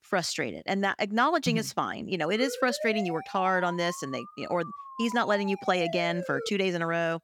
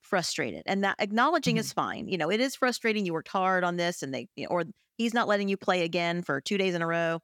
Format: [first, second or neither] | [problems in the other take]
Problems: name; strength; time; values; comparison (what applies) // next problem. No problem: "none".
second | siren; noticeable; from 2.5 to 6.5 s; peak 7 dB below the speech